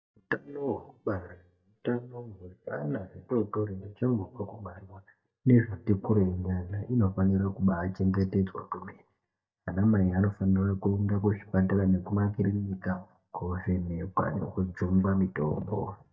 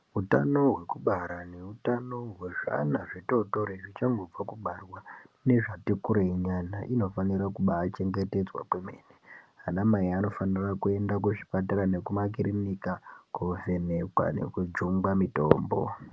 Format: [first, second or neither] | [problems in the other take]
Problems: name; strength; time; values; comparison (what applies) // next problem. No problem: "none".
second | noise reduction (neural mask model DeepFilterNet 3)